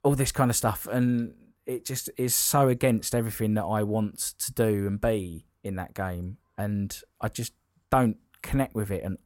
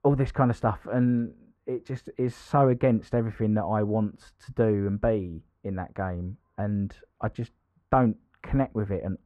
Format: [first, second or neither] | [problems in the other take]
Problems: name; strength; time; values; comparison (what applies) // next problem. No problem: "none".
first | muffled; very; fading above 1.5 kHz